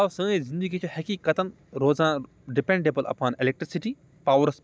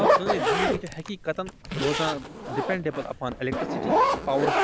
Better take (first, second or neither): first